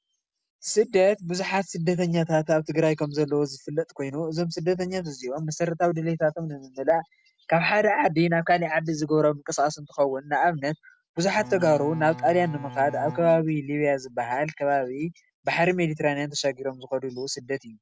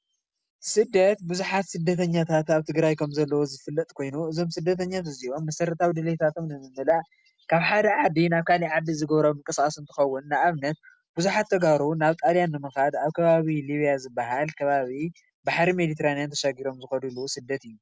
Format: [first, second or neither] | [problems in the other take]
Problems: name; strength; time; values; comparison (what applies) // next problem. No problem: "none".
second | background sound (Bowed string instrument); 15 dB below the speech